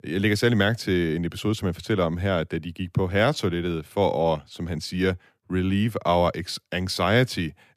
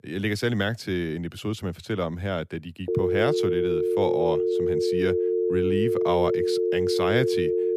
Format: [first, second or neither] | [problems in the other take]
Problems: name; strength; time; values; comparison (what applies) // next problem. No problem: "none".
first | phone ringing; loud; from 3 s on; peak 4 dB above the speech